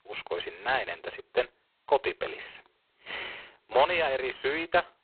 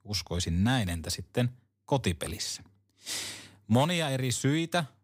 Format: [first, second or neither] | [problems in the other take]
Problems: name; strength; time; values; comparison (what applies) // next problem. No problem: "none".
second | phone-call audio; poor line; nothing above 4 kHz